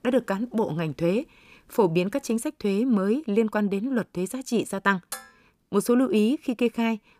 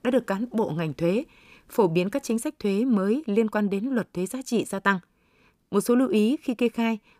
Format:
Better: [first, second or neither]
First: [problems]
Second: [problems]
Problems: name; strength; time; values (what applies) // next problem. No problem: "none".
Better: second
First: clattering dishes; faint; at 5 s; peak 10 dB below the speech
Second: none